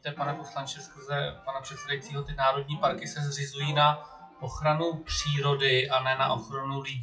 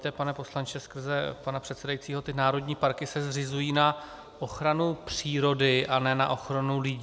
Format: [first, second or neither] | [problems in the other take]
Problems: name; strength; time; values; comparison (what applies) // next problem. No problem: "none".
second | noise reduction (classical method WPE with log-MMSE)